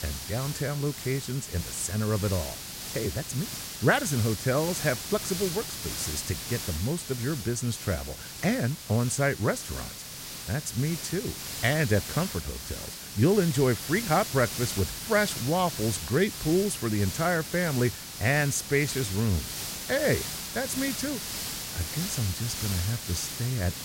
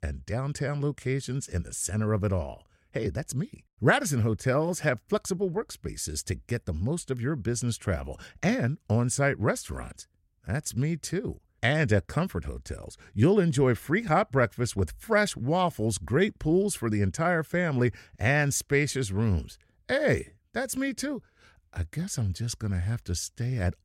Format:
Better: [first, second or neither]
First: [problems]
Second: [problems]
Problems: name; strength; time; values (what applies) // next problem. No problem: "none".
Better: second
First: hiss; loud; throughout; 6 dB below the speech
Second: none